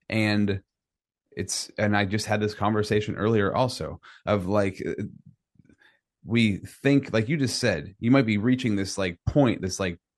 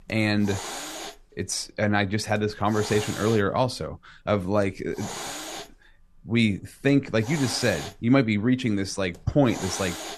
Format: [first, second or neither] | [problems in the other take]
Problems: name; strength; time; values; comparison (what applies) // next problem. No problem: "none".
first | hiss; noticeable; throughout; 10 dB below the speech